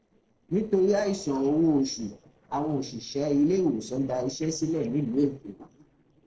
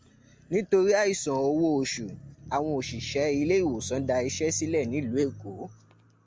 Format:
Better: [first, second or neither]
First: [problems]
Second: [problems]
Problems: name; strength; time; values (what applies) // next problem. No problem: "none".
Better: second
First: noise reduction (neural separator model SepFormer DNS4)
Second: none